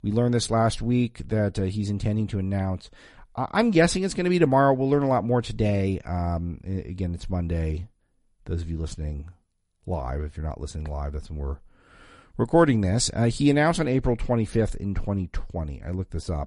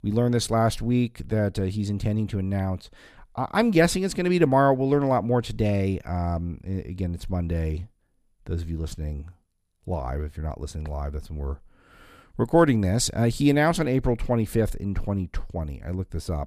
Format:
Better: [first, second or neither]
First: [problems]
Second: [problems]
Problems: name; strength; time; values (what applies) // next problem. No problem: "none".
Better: second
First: garbled, watery; slightly; nothing above 10.5 kHz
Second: none